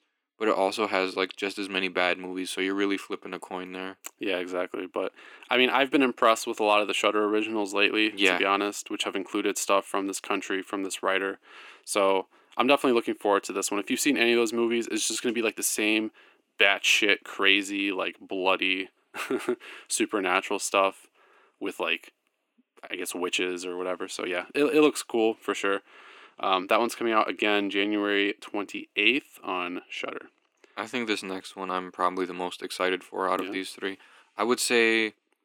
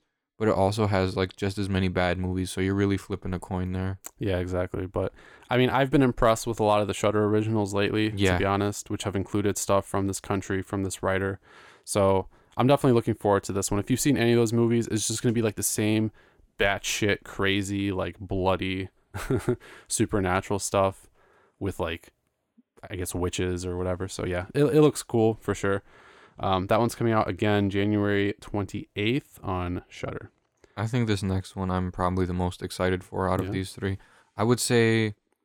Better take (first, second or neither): second